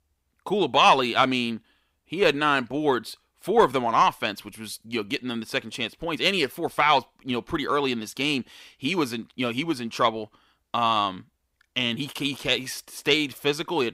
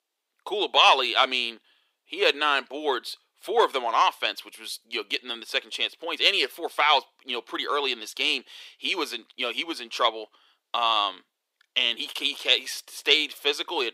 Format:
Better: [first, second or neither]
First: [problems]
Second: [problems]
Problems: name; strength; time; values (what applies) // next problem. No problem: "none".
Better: first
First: none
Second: thin; somewhat; fading below 350 Hz